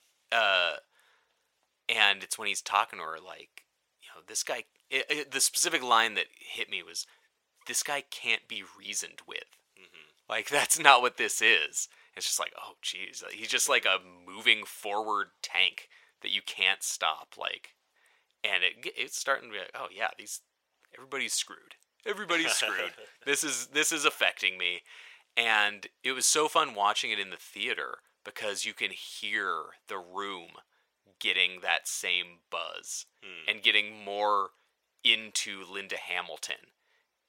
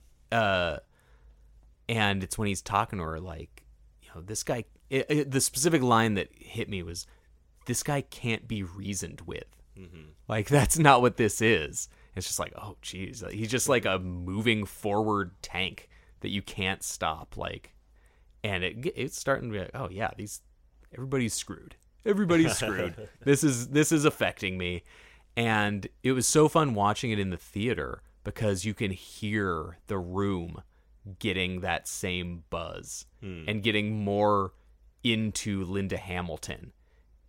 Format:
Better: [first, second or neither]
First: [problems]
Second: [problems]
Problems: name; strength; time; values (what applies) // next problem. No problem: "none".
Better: second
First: thin; very; fading below 700 Hz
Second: none